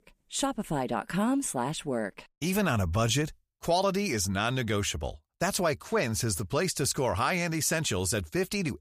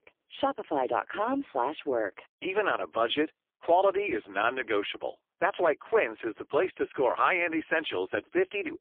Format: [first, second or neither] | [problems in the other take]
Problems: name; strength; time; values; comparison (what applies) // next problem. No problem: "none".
first | phone-call audio; poor line; nothing above 3.5 kHz